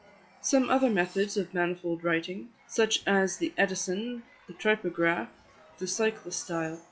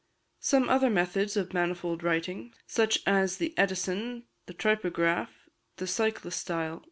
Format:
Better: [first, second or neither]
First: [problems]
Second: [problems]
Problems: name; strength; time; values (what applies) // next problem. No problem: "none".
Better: second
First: noise reduction (classical method log-MMSE)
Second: none